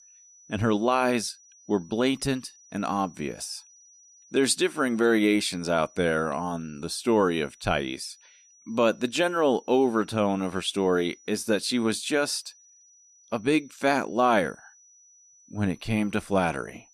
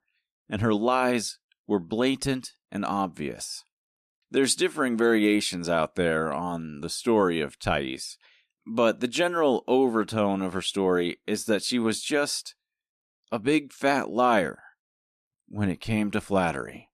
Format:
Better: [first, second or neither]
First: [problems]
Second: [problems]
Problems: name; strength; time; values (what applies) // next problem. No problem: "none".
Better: second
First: high-pitched whine; faint; throughout; 6 kHz, 25 dB below the speech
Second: none